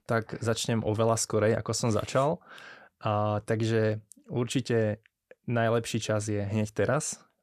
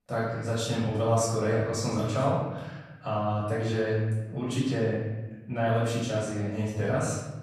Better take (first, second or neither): first